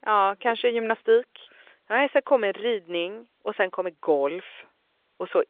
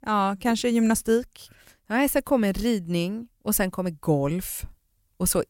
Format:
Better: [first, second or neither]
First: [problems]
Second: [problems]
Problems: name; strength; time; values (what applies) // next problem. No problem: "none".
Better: second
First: phone-call audio; nothing above 3 kHz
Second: none